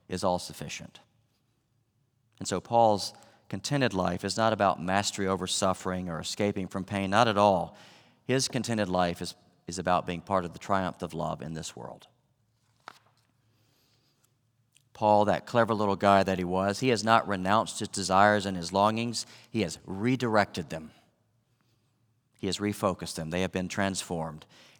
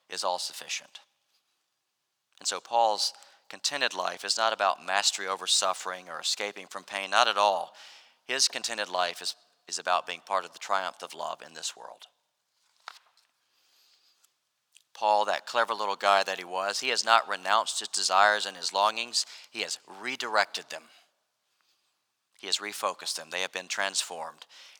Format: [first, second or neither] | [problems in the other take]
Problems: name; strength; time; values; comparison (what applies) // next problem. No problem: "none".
first | thin; very; fading below 800 Hz